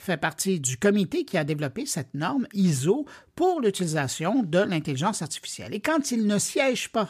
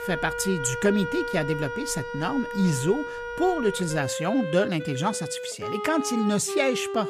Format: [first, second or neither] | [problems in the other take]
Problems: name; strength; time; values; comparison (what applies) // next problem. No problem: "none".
first | background music; loud; throughout; 6 dB below the speech